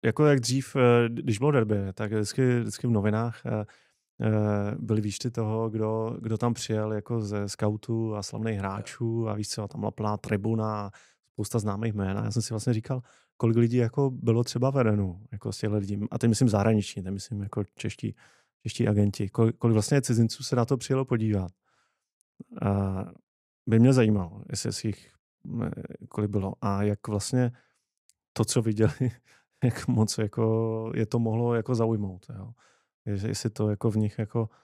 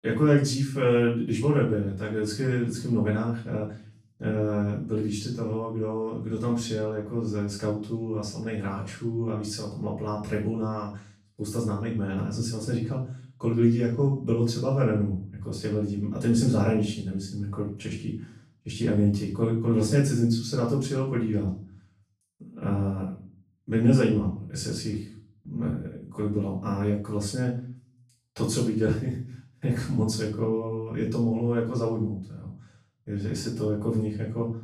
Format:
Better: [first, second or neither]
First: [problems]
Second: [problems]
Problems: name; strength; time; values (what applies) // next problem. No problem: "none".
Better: first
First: none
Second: room echo; noticeable; dies away in 0.4 s // off-mic speech; far